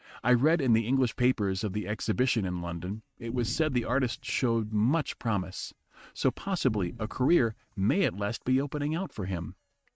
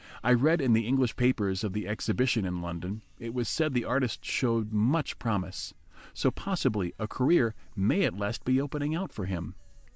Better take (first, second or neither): second